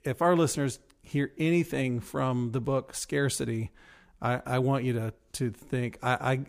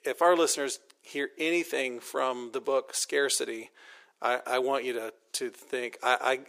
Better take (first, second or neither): first